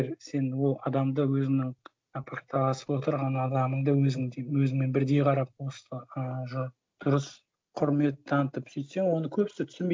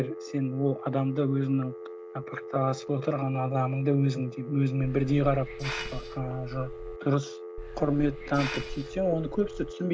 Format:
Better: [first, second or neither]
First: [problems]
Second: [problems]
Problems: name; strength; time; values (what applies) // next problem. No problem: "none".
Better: first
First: none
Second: background sound (Hiss + Telephone); 10 dB below the speech